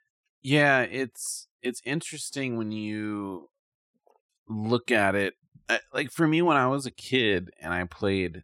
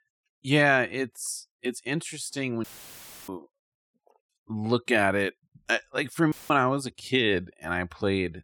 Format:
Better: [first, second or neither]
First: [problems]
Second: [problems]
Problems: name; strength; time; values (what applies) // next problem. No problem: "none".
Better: first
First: none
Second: audio cutting out; filled with static; at 2.5 s for 0.5 s and at 6.5 s